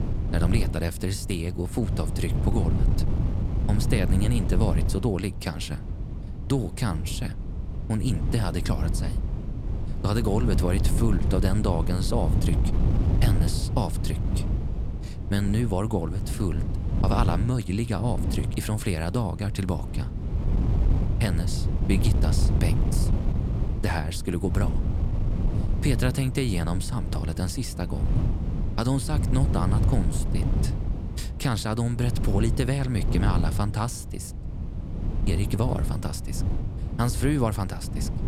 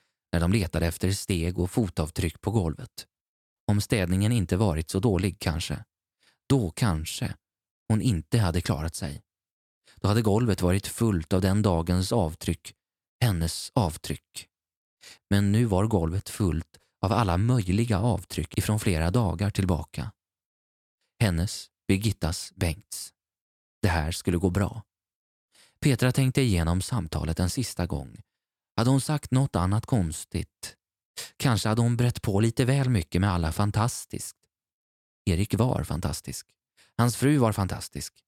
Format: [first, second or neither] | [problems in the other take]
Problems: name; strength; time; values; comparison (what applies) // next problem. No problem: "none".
second | wind noise on the microphone; heavy; 7 dB below the speech